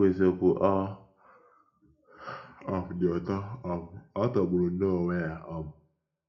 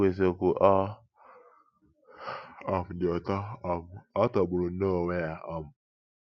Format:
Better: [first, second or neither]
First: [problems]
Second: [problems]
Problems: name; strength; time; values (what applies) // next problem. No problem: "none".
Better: second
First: room echo; dies away in 0.3 s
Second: none